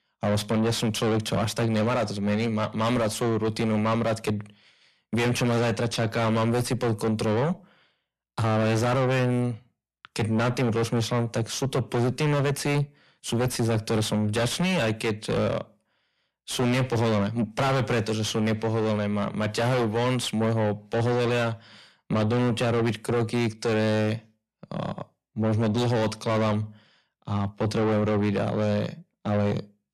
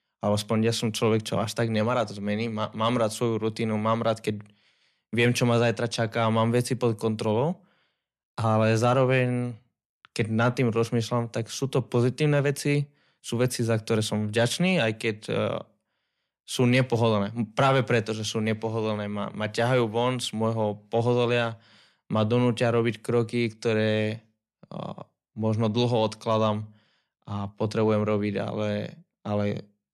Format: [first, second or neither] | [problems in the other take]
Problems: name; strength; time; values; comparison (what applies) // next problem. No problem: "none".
second | distortion; heavy; 7 dB below the speech